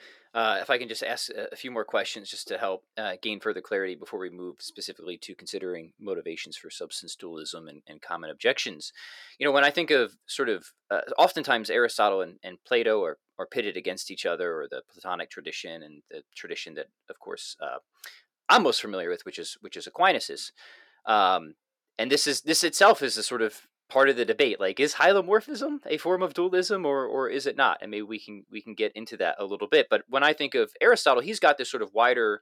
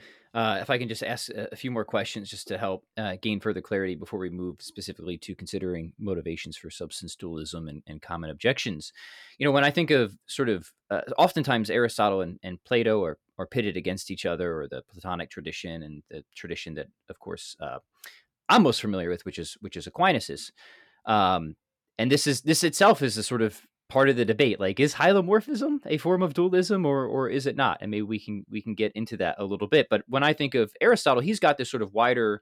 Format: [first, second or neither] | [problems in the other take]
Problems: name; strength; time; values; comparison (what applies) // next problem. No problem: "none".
second | thin; somewhat; fading below 450 Hz